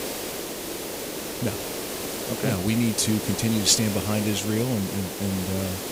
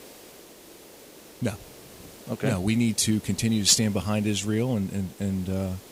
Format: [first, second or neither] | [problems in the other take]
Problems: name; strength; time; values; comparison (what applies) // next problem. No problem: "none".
second | hiss; loud; throughout; 6 dB below the speech; faint in the second